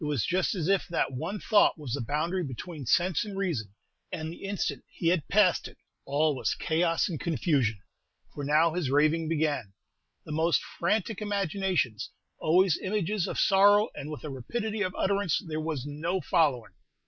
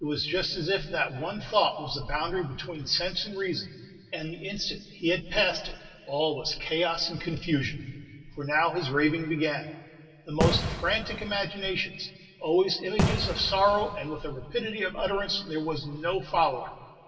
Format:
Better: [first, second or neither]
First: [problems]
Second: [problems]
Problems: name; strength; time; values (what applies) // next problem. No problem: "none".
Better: first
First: none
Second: background sound (Fireworks); 1 dB below the speech // room echo; dies away in 2 s